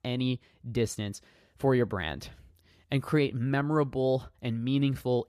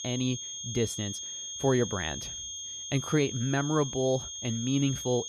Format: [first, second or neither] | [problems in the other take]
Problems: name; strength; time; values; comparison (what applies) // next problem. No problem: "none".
first | high-pitched whine; loud; throughout; 6.5 kHz, 6 dB below the speech